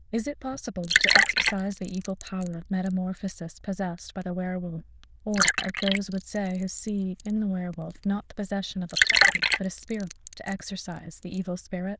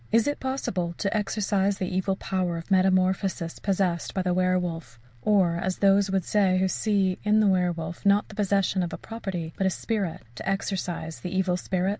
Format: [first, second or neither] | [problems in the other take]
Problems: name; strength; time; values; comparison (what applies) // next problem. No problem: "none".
second | noise reduction (neural diffusion model UNIVERSE++)